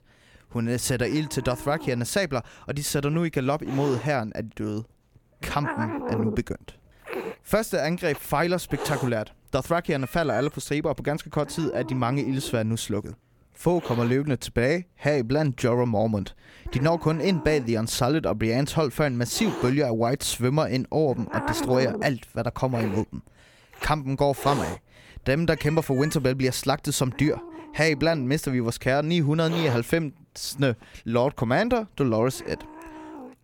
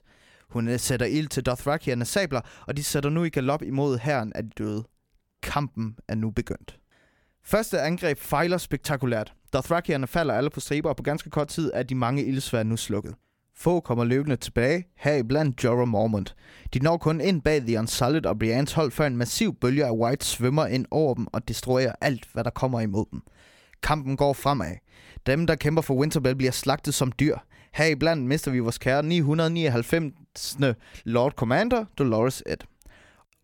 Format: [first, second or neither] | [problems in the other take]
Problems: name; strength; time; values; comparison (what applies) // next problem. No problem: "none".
second | hiss; noticeable; throughout; 10 dB below the speech